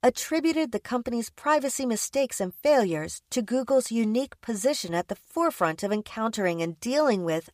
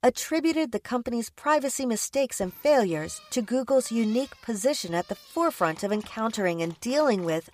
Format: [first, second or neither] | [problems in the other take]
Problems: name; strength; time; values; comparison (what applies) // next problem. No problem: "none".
first | animal sounds; faint; from 2.5 s on; 25 dB below the speech